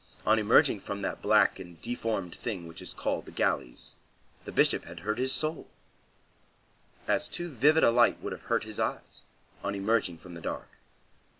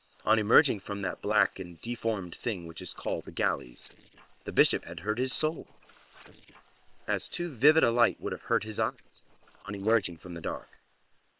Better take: first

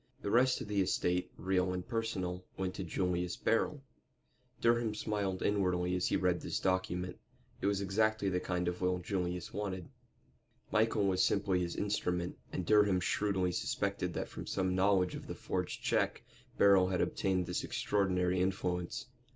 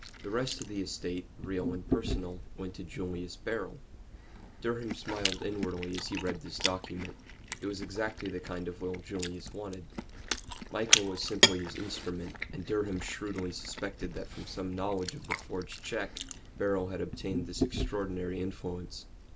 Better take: first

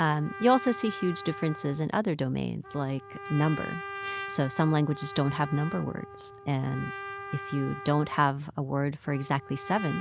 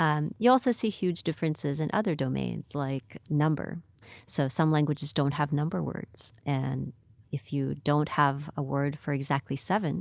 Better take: second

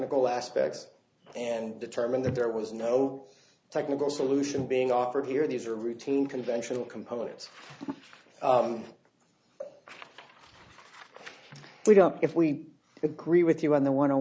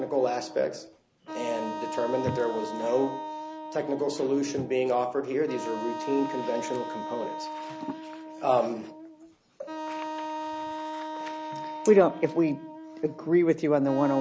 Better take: first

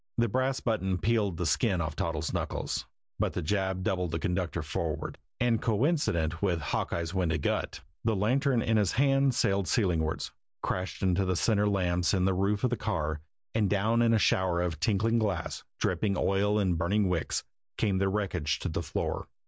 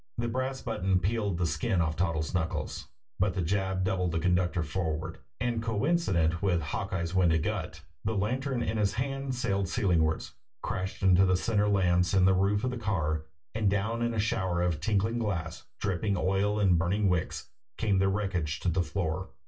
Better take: first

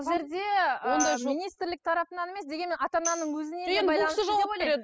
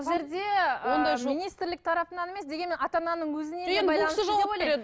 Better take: second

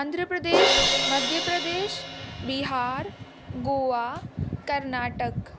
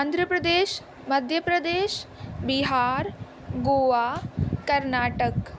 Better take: second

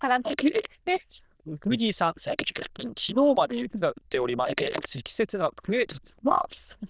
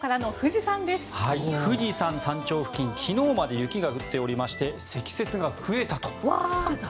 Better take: second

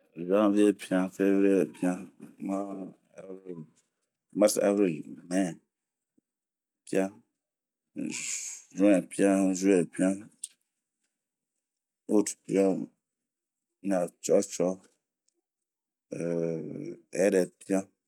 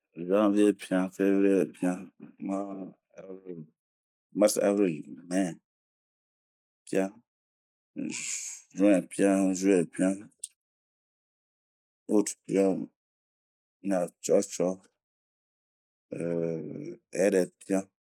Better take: first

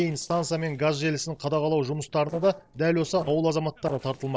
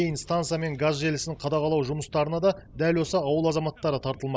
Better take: second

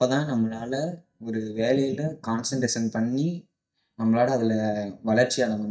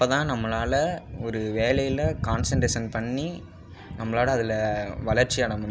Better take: second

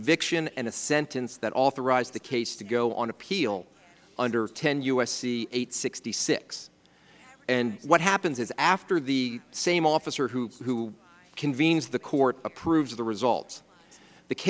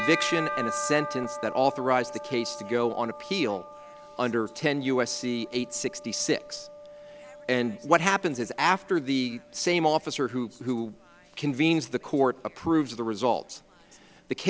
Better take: first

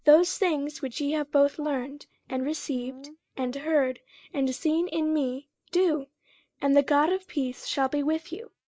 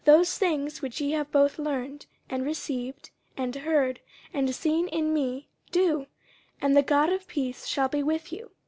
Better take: second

